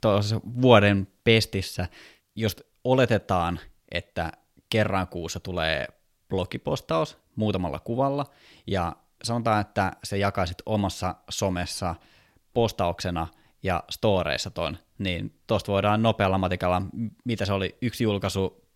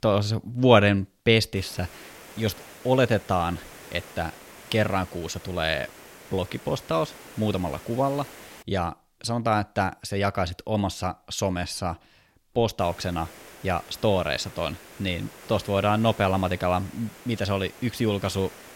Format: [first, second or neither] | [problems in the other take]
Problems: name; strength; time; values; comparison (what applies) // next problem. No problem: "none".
first | hiss; noticeable; from 1.5 to 8.5 s and from 13 s on; 20 dB below the speech